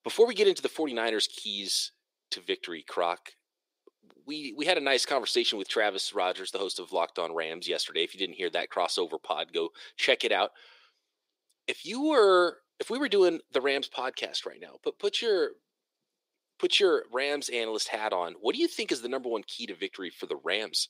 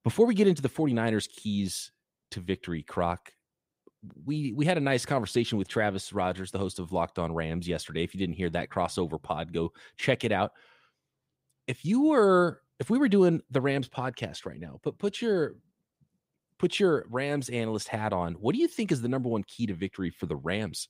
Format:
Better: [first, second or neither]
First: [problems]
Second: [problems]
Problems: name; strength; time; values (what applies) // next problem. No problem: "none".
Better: second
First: thin; somewhat; fading below 350 Hz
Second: none